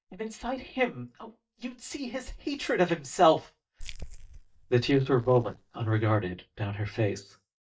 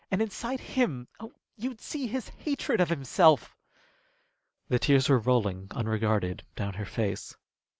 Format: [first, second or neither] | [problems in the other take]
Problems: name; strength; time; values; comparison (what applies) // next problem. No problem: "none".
second | noise reduction (neural mask model DeepFilterNet 3)